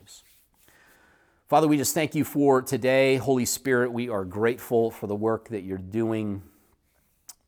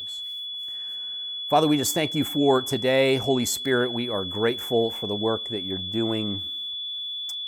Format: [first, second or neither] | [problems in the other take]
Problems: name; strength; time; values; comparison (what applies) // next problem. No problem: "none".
first | high-pitched whine; loud; throughout; 3.5 kHz, 5 dB below the speech